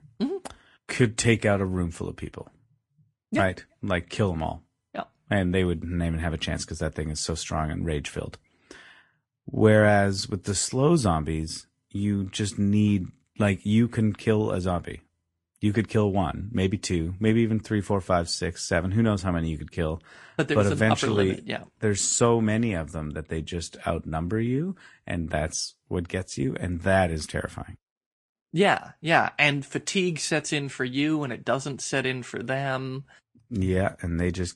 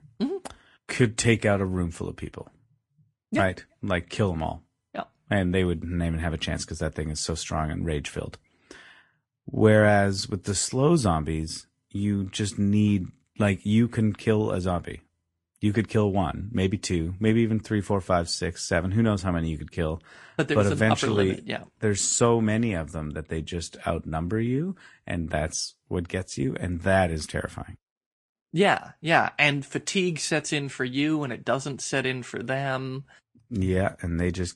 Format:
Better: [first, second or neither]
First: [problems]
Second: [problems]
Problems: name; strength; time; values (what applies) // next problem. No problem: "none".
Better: neither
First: garbled, watery; slightly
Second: garbled, watery; slightly